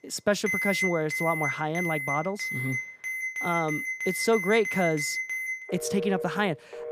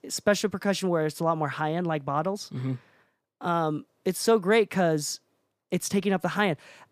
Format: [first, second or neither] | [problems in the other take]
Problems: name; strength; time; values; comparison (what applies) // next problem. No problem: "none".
second | alarms or sirens; loud; throughout; 2 dB below the speech